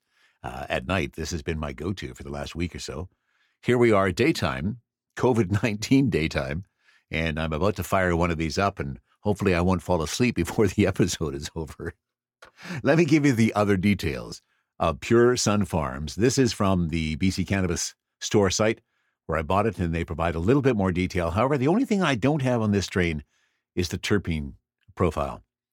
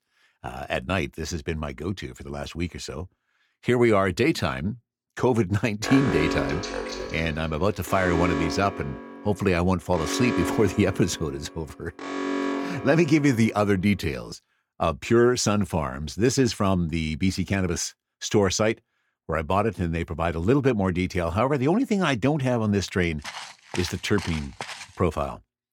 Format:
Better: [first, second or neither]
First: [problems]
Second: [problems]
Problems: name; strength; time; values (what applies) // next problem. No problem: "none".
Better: first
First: none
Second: alarm; noticeable; from 6 to 13 s; peak 1 dB below the speech // footsteps; faint; from 23 to 25 s; peak 10 dB below the speech